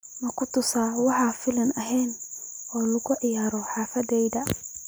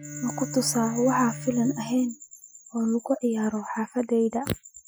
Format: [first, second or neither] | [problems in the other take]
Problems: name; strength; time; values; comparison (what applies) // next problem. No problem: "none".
first | noise reduction (classical method Wiener filter)